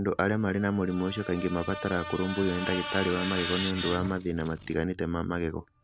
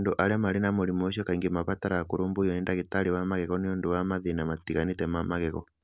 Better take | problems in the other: second | background sound (Screech); 9 dB below the speech

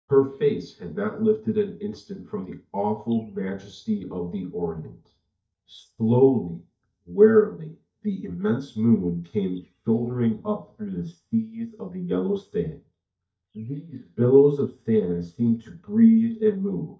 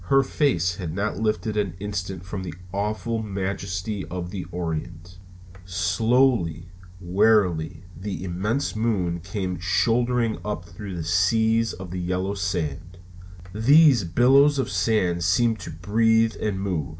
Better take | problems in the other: second | noise reduction (neural mask model DeepFilterNet 3)

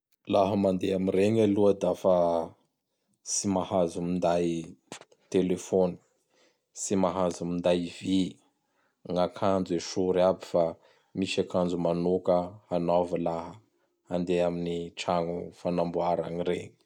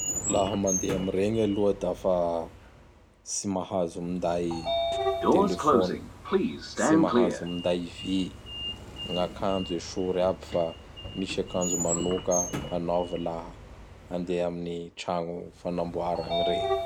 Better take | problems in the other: first | background sound (Sliding door); 2 dB below the speech

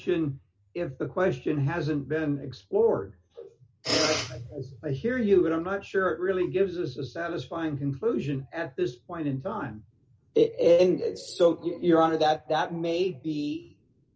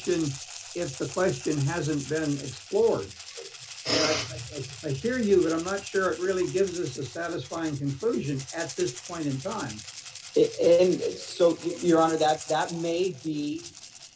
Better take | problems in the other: first | background sound (Rattle (instrument)); 15 dB below the speech

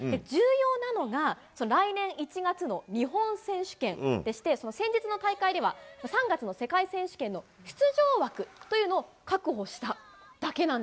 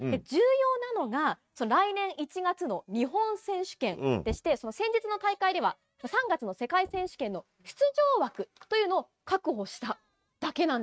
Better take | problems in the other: first | noise reduction (neural mask model RNNoise)

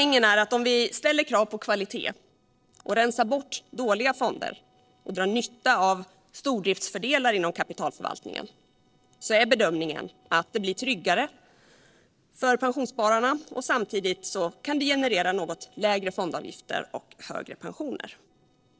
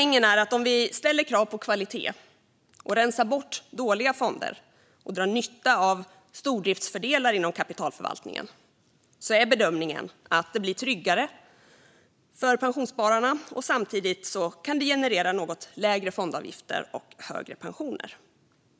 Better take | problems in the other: second | noise reduction (neural separator model SepFormer DNS4)

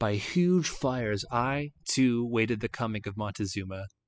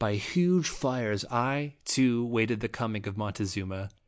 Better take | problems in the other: second | noise reduction (classical method spectral subtraction)

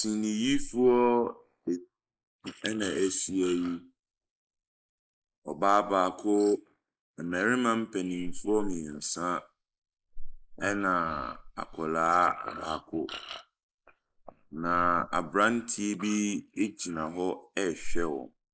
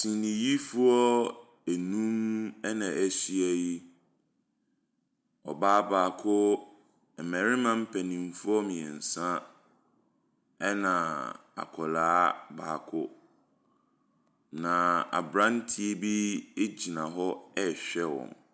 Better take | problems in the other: second | noise reduction (neural mask model Resemble Enhance denoiser)

